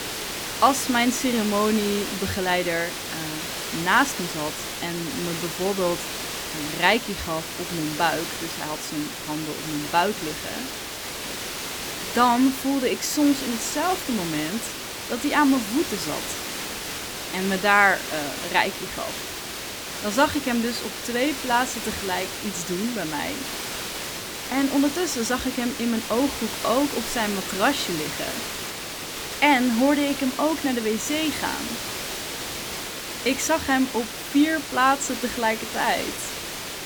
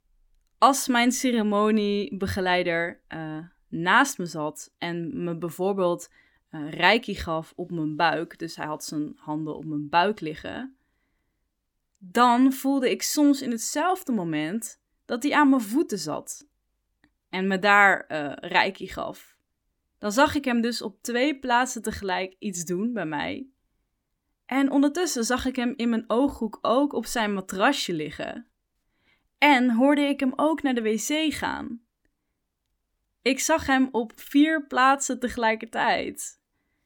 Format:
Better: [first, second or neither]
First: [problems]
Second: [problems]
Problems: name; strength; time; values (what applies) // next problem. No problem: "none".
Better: second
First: hiss; loud; throughout; 6 dB below the speech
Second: none